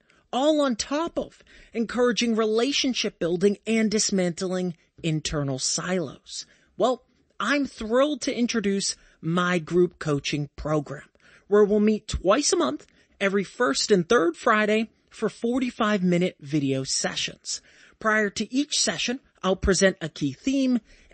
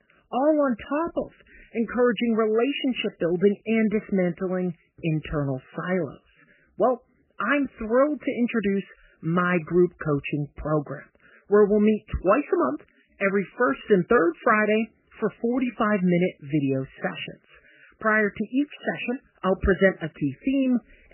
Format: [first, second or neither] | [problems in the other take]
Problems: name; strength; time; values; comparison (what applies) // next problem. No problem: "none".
first | garbled, watery; badly; nothing above 3 kHz; slightly in the first